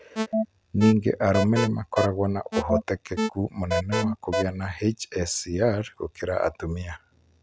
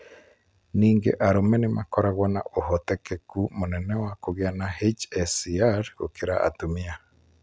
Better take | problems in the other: second | background sound (Alarm); 2 dB below the speech

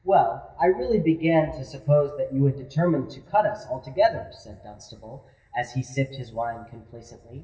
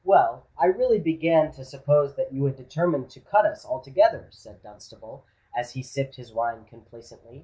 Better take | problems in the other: second | room echo; dies away in 1.7 s

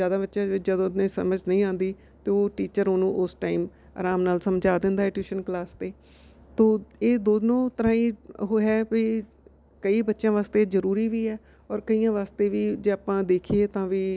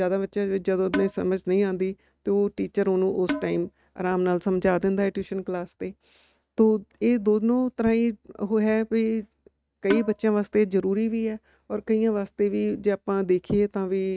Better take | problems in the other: first | noise reduction (neural mask model RNNoise)

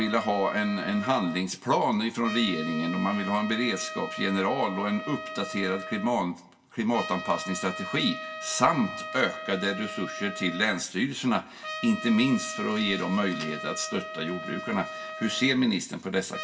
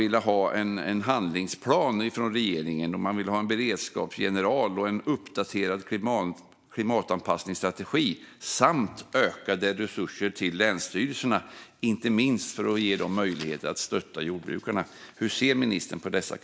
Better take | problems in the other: second | background sound (Trumpet); 10 dB below the speech // room echo; dies away in 0.1 s

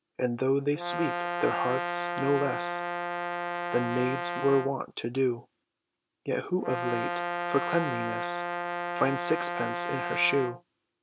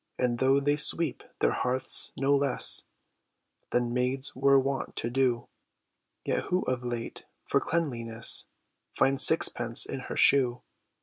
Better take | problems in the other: second | background sound (Brass instrument); 3 dB below the speech

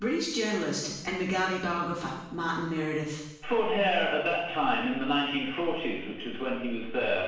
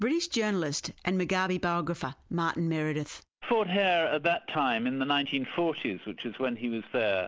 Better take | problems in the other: second | room echo; dies away in 0.9 s

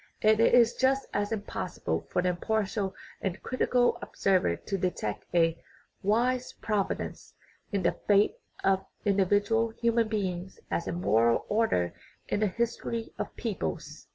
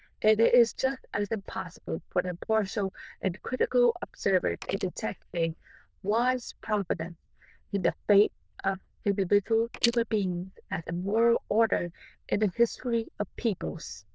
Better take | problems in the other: first | noise reduction (neural diffusion model UNIVERSE++)

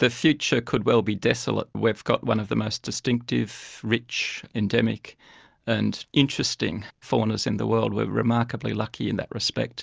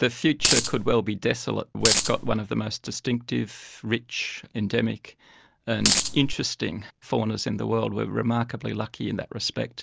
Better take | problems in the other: first | background sound (Coin (dropping)); 3 dB above the speech

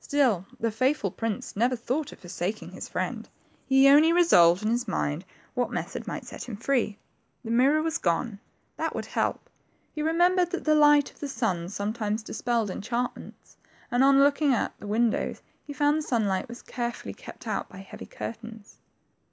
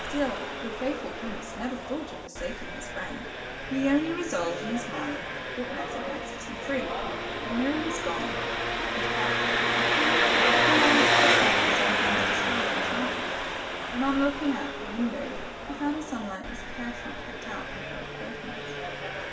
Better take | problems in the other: first | background sound (Engine); 5 dB above the speech // room echo; dies away in 2.2 s

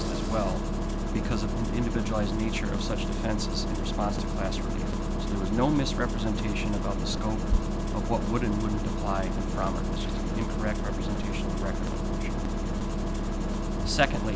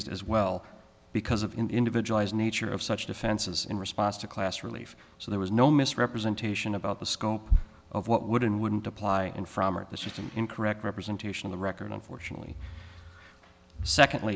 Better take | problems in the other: second | background sound (Engine starting); 4 dB above the speech

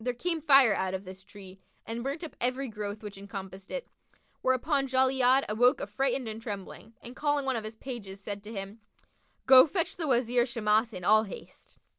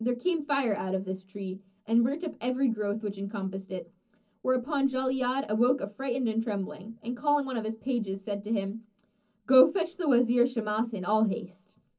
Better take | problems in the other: first | room echo; dies away in 0.4 s

